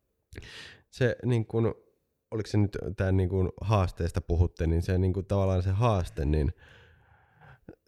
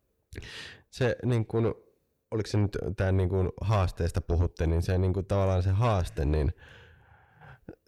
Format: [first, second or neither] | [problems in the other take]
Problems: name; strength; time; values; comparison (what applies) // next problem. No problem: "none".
first | distortion; slight; 10 dB below the speech